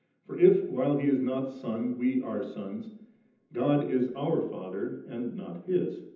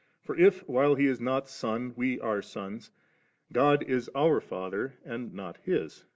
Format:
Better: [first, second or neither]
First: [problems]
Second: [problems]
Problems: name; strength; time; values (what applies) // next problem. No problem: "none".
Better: second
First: room echo; dies away in 0.8 s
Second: none